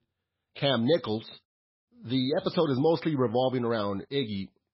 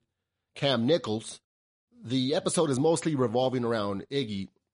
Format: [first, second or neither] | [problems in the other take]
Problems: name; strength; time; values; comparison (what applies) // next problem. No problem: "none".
second | garbled, watery; badly; slightly in the second